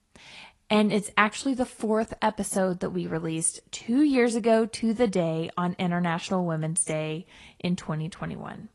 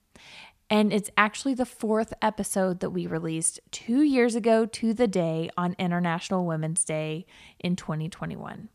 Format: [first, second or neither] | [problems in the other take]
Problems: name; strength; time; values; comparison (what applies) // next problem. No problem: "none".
second | garbled, watery; slightly; nothing above 9.5 kHz